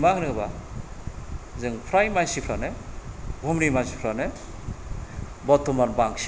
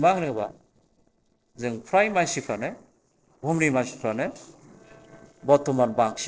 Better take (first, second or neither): first